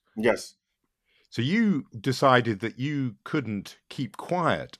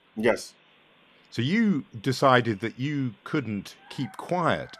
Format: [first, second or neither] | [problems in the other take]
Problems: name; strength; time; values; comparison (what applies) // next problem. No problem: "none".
first | animal sounds; faint; throughout; 30 dB below the speech